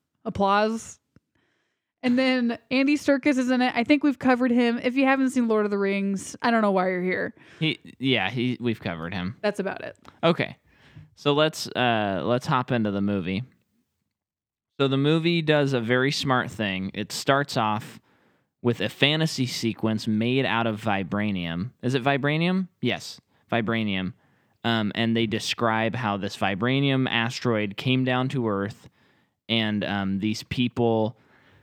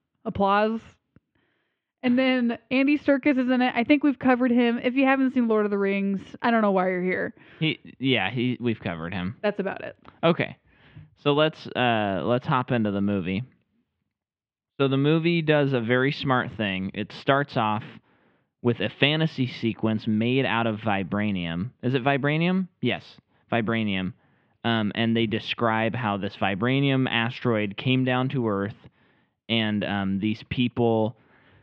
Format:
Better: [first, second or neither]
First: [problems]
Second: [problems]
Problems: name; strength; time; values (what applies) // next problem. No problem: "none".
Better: first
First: none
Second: muffled; slightly; fading above 3 kHz